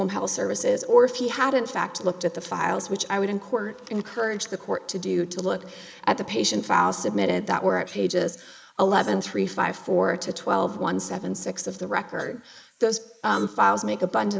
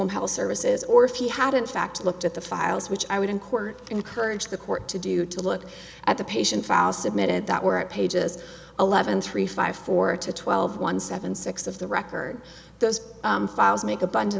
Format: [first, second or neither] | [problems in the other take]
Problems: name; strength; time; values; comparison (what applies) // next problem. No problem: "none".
second | noise reduction (neural mask model Resemble Enhance denoiser)